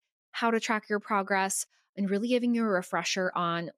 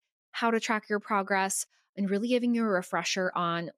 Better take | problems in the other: neither | none

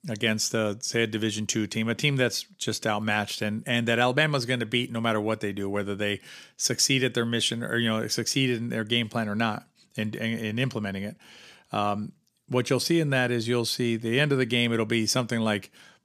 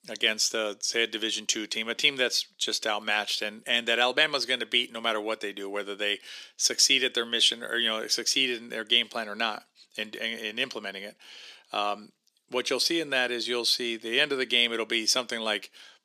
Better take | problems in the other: first | thin; somewhat; fading below 350 Hz

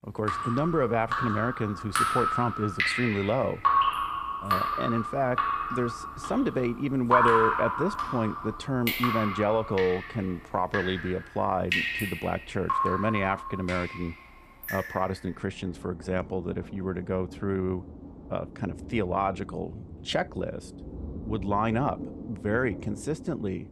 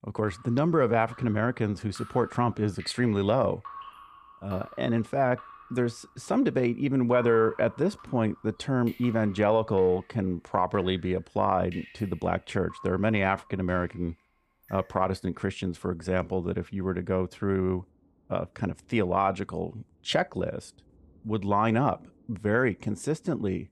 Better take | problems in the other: second | rain or running water; loud; throughout; as loud as the speech; faint in the second

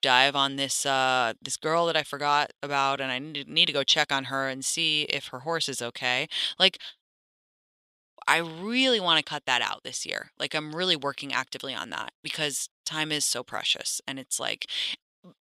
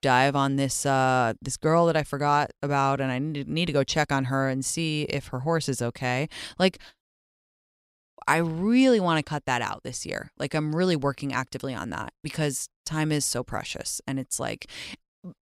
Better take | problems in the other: second | thin; somewhat; fading below 600 Hz

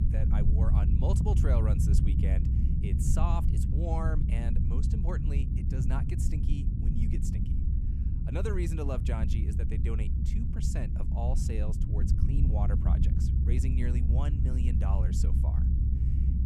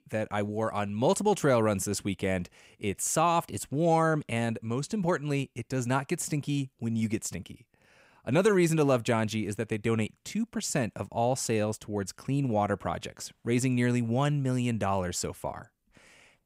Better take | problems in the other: second | low rumble; loud; throughout; 2 dB below the speech

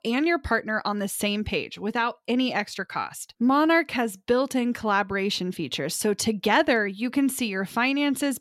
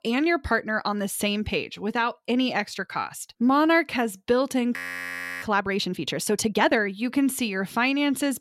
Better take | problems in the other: first | audio freezing; at 5 s for 0.5 s

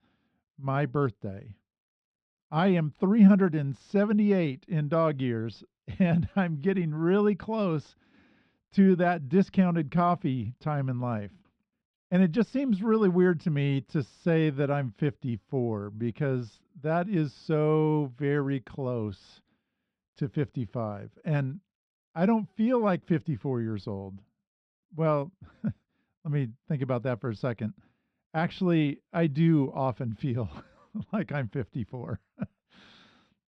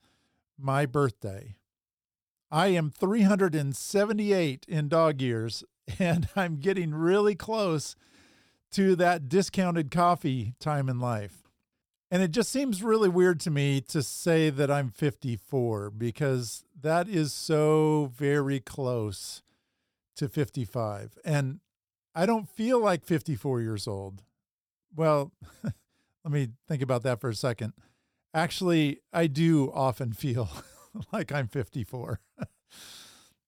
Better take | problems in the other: second | muffled; slightly; fading above 3 kHz

